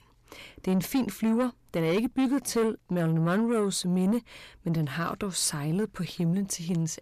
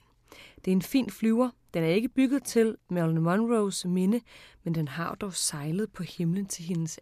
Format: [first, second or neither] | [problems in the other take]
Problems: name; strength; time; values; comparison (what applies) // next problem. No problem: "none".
second | distortion; slight; 10 dB below the speech